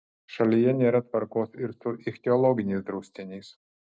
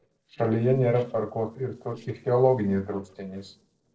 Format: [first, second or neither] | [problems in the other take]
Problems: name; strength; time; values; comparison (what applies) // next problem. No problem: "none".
first | noise reduction (neural separator model SepFormer DNS4)